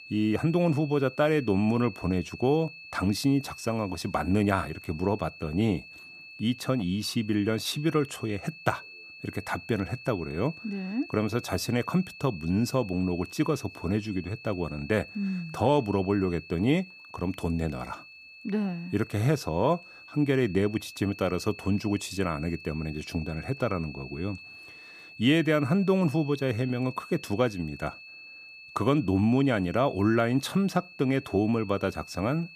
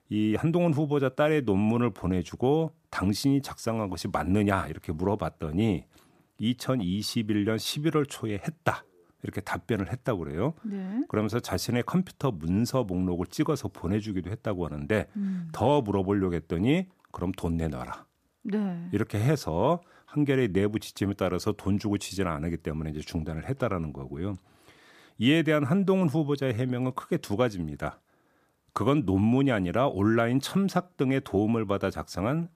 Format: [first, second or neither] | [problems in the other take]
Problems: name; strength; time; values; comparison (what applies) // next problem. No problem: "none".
second | high-pitched whine; noticeable; throughout; 2.5 kHz, 15 dB below the speech